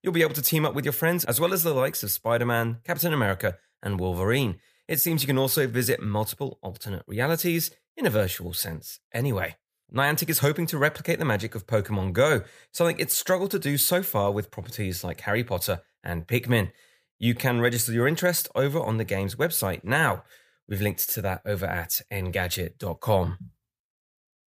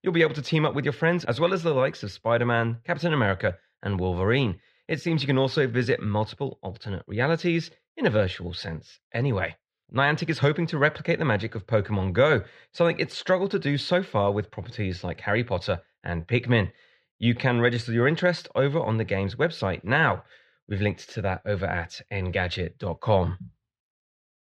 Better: first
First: none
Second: muffled; slightly; fading above 4 kHz

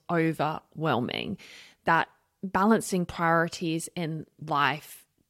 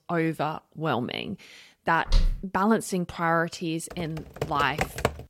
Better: first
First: none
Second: footsteps; noticeable; at 2 s; peak 1 dB below the speech // keyboard typing; noticeable; from 4 s on; peak 1 dB below the speech

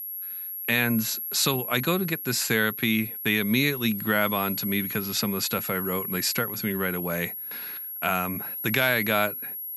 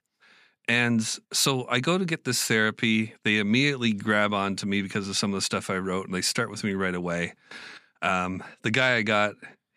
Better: second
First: high-pitched whine; loud; throughout; 11.5 kHz, 5 dB below the speech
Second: none

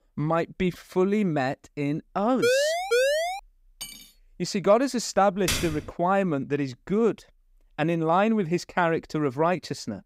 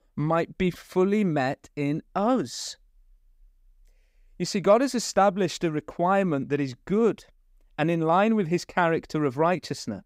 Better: second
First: siren; loud; at 2.5 s; peak 3 dB above the speech // clattering dishes; faint; at 4 s; peak 15 dB below the speech // keyboard typing; noticeable; at 5.5 s; peak 2 dB below the speech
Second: none

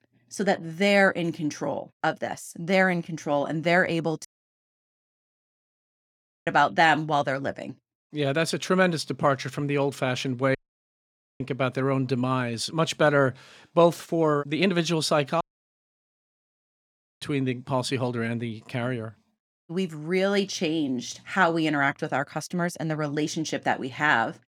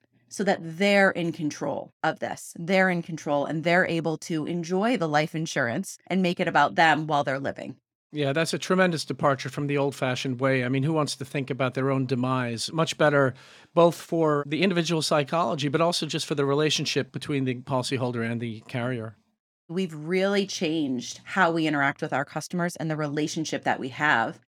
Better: second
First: audio cutting out; at 4.5 s for 2 s, at 11 s for 1 s and at 15 s for 2 s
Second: none

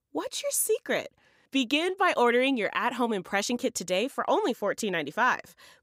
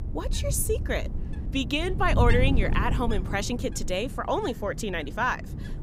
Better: first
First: none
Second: wind noise on the microphone; occasional gusts; 15 dB below the speech

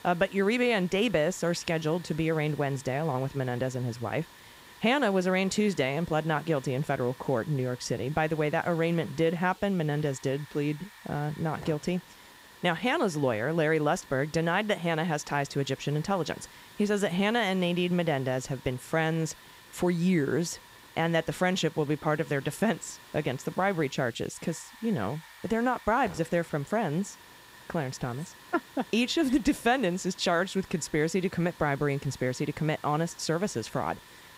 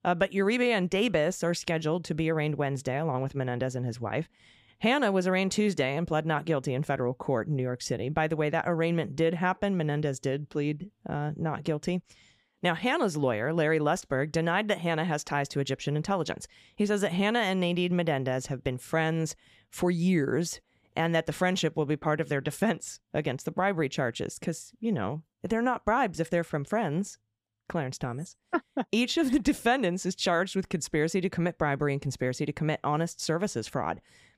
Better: second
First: hiss; faint; throughout; 20 dB below the speech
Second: none

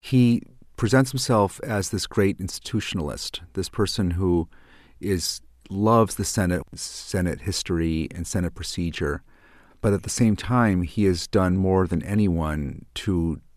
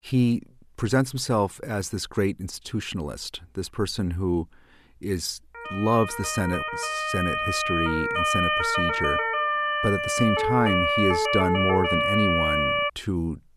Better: first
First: none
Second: siren; loud; from 5.5 to 13 s; peak 5 dB above the speech

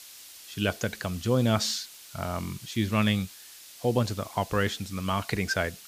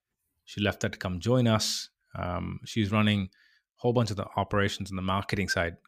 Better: second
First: hiss; noticeable; throughout; 15 dB below the speech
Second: none

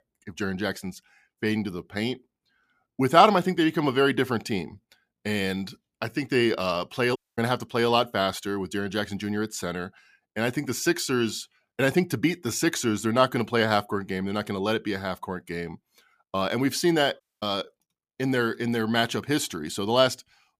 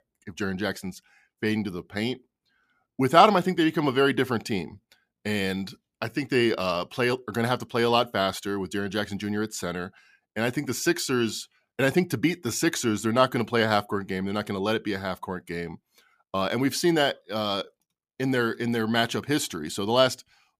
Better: second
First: audio cutting out; at 7 s and at 17 s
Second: none

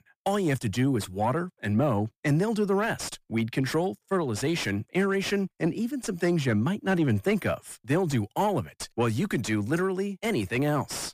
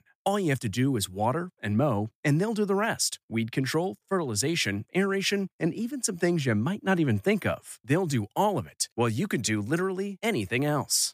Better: second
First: distortion; slight; 10 dB below the speech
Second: none

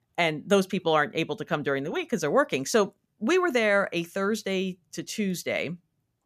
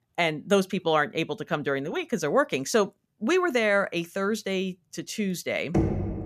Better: first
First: none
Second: door banging; loud; at 5.5 s; peak level with the speech

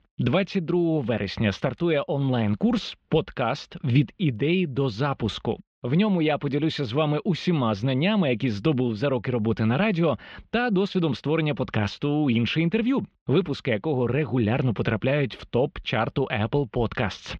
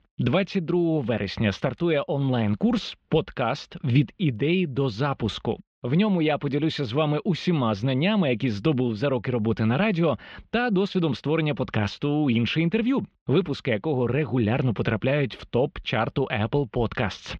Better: neither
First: muffled; slightly; fading above 3.5 kHz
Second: muffled; slightly; fading above 3.5 kHz

